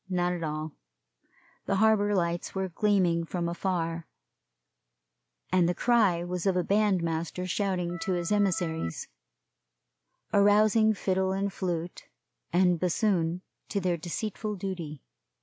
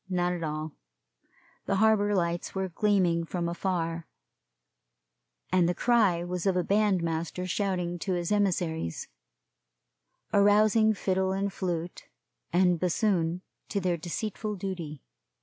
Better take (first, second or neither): second